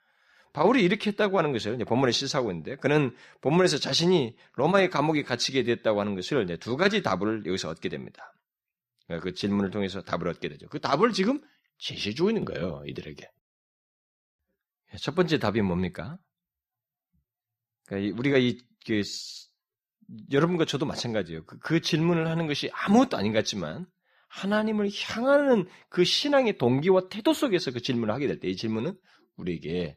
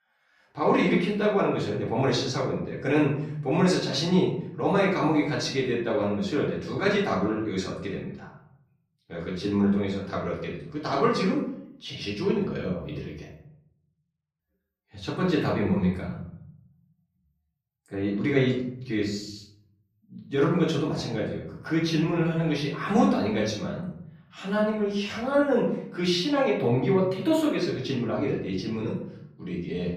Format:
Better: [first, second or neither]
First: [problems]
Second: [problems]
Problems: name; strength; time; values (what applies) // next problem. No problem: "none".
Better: first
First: none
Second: off-mic speech; far // room echo; noticeable; dies away in 0.9 s